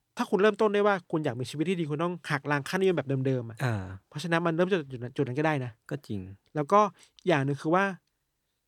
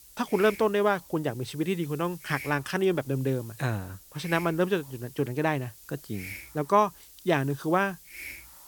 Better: first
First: none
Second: hiss; noticeable; throughout; 15 dB below the speech

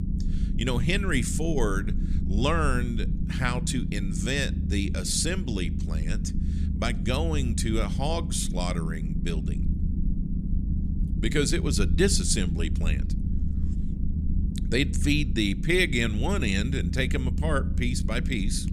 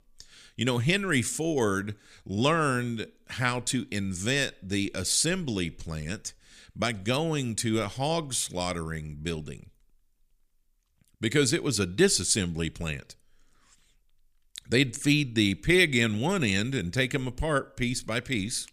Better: second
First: low rumble; noticeable; throughout; 10 dB below the speech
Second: none

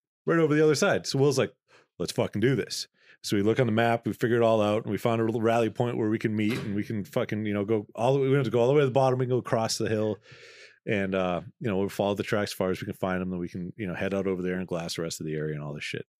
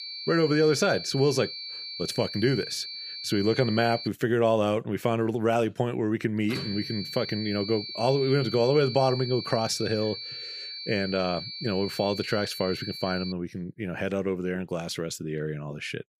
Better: first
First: none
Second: high-pitched whine; loud; until 4 s and from 6.5 to 13 s; 4.5 kHz, 8 dB below the speech

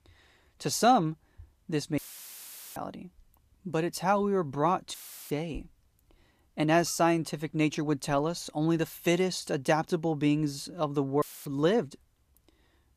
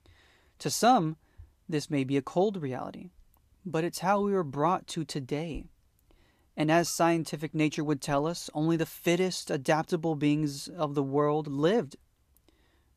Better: second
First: audio cutting out; filled with static; at 2 s for 1 s, at 5 s and at 11 s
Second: none

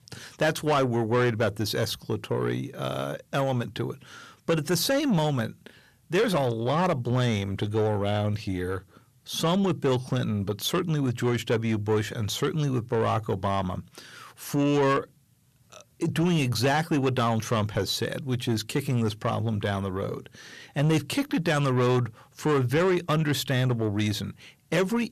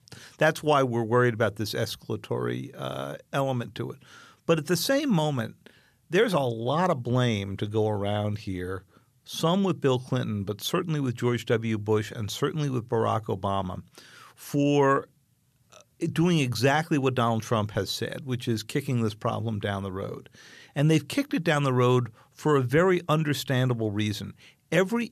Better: second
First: distortion; slight; 10 dB below the speech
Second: none

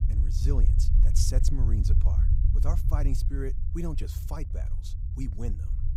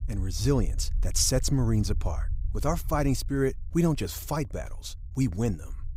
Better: second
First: low rumble; loud; throughout; 5 dB below the speech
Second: low rumble; faint; throughout; 25 dB below the speech

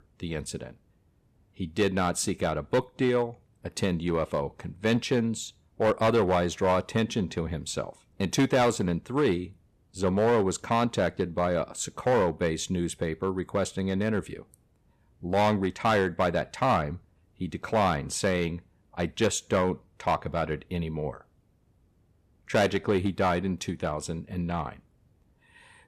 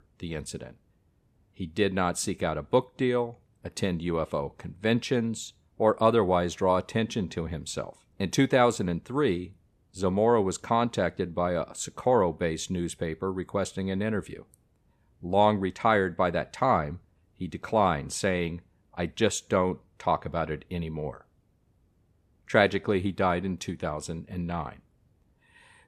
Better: second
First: distortion; slight; 3% of the sound clipped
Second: none

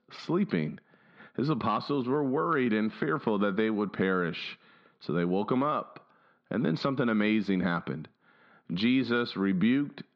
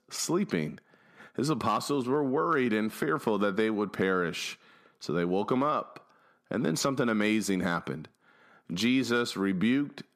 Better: second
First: muffled; very slightly; fading above 4 kHz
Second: none

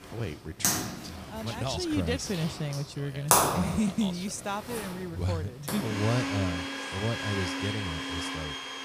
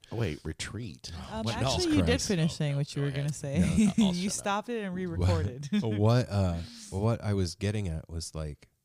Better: second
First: household noises; very loud; throughout; 2 dB above the speech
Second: none

